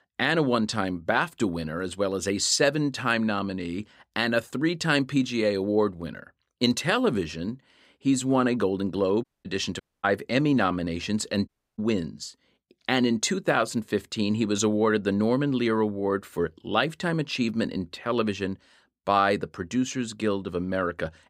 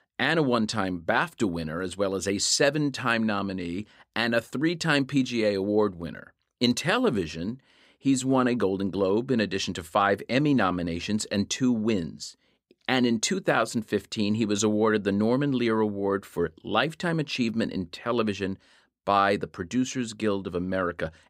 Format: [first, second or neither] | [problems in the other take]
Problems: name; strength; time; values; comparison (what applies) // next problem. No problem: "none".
second | audio cutting out; at 9 s, at 10 s and at 11 s